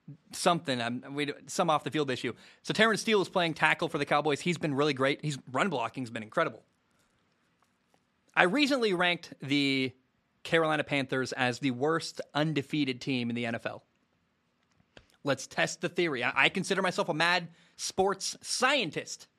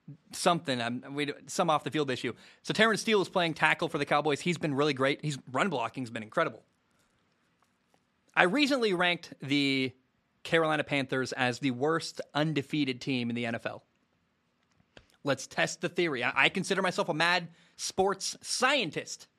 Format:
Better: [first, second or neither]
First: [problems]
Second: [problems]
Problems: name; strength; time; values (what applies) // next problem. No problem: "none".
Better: neither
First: none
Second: none